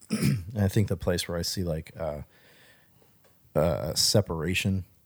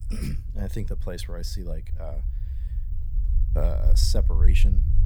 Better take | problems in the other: first | low rumble; noticeable; throughout; 10 dB below the speech

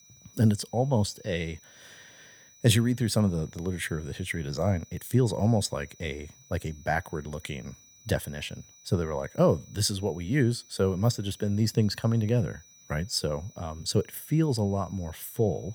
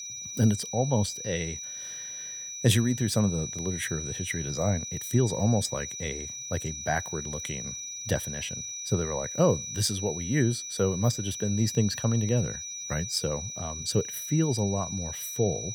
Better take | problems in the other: first | high-pitched whine; loud; throughout; 6 kHz, 6 dB below the speech; faint in the first

